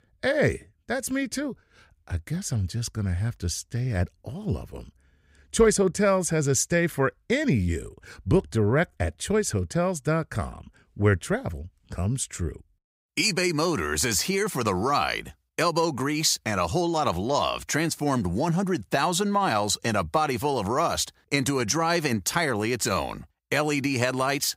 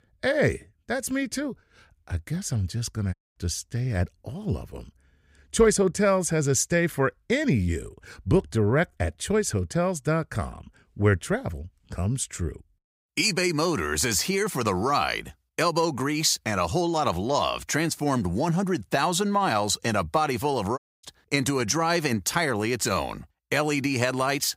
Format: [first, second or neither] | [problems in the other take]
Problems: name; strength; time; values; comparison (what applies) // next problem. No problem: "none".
first | audio cutting out; at 3 s and at 21 s